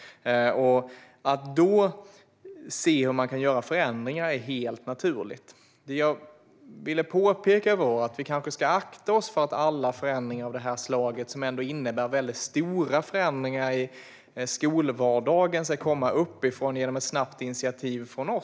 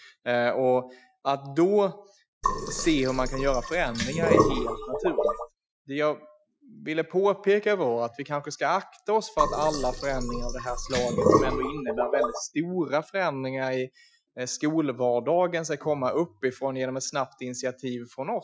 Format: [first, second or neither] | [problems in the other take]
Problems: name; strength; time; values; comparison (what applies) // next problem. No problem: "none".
first | noise reduction (classical method Wiener filter)